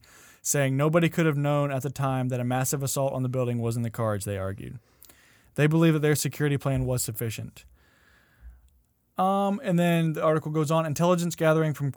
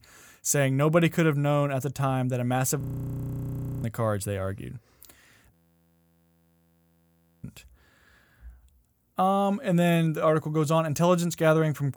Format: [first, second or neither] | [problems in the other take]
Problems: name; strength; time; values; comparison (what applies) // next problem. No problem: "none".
first | audio freezing; at 3 s for 1 s and at 5.5 s for 2 s